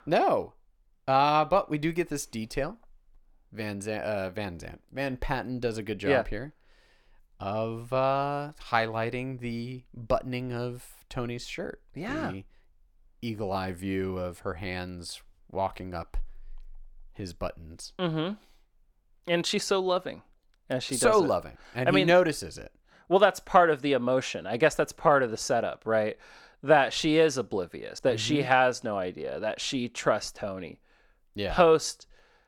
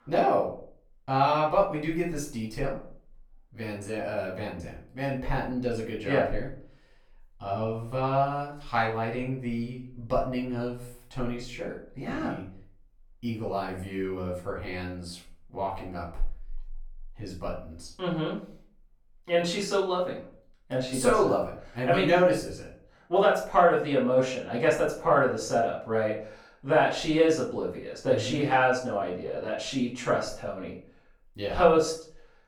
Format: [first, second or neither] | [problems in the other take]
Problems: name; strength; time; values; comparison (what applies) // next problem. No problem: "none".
first | room echo; noticeable; dies away in 0.4 s // off-mic speech; far